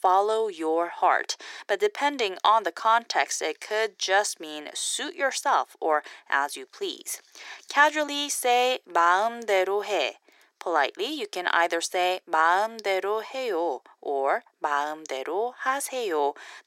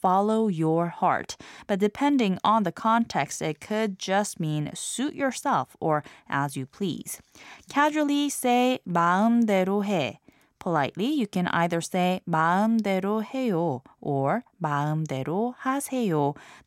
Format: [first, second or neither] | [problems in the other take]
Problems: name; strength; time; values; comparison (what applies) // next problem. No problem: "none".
second | thin; very; fading below 350 Hz